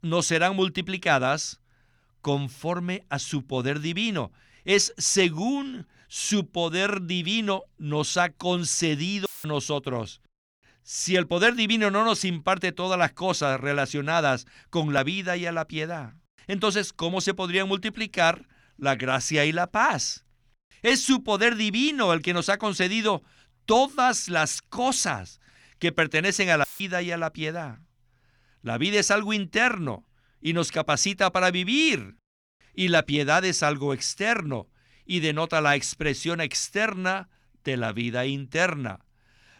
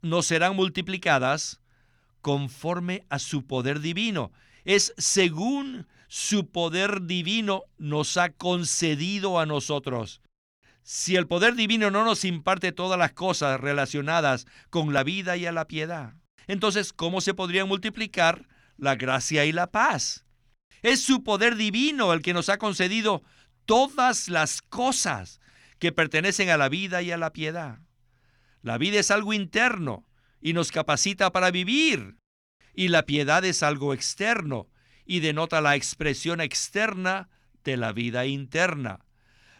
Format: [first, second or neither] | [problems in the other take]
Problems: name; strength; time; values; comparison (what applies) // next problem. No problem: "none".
second | audio cutting out; filled with static; at 9.5 s and at 27 s